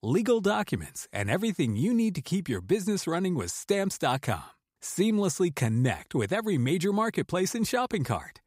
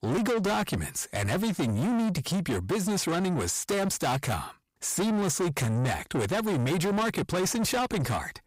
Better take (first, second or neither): first